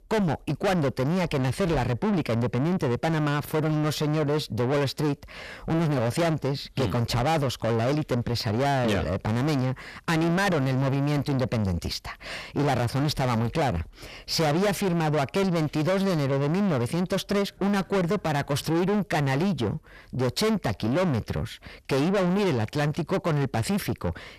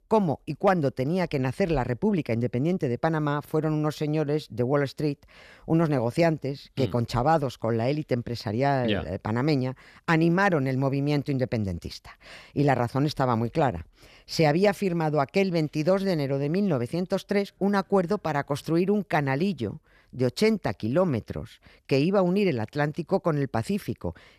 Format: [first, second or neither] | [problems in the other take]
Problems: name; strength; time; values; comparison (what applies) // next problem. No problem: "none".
second | distortion; heavy; 6 dB below the speech